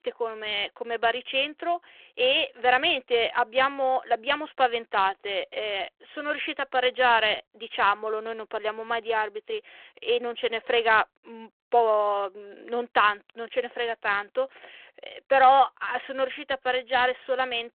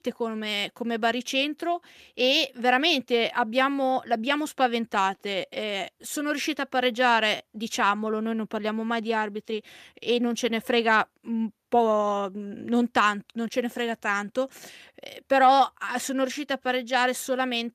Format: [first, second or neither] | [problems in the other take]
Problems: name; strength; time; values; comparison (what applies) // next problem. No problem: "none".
second | phone-call audio